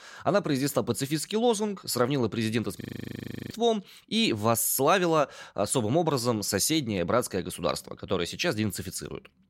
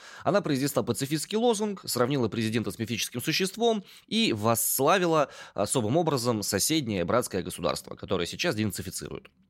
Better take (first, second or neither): second